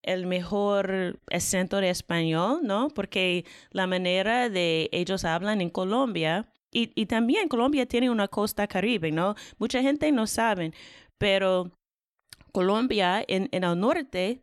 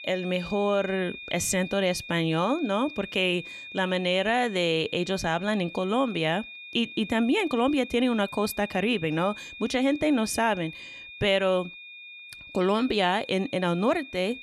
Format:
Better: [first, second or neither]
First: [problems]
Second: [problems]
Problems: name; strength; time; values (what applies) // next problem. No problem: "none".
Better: first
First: none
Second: high-pitched whine; noticeable; throughout; 2.5 kHz, 15 dB below the speech